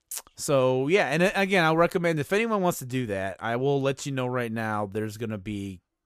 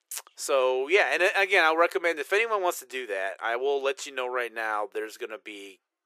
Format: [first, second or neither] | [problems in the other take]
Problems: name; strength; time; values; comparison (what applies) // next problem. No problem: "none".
first | thin; very; fading below 350 Hz